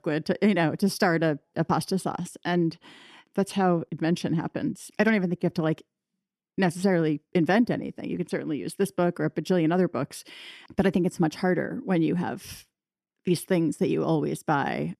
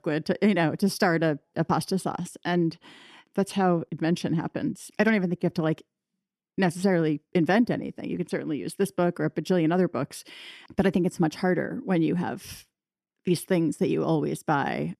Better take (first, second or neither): neither